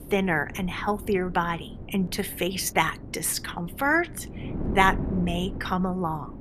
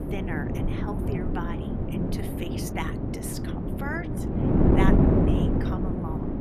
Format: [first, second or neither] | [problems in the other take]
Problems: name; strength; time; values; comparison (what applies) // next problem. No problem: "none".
first | wind noise on the microphone; heavy; 5 dB above the speech; occasional gusts in the first